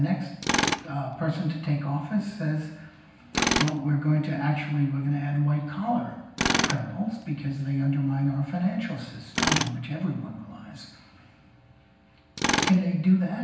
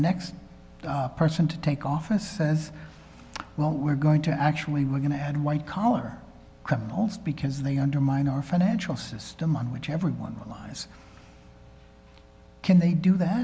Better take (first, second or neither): second